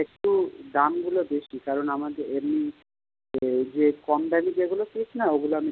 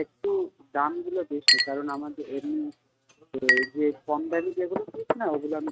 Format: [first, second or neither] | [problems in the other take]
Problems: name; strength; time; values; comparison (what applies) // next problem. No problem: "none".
first | noise reduction (neural mask model RNNoise)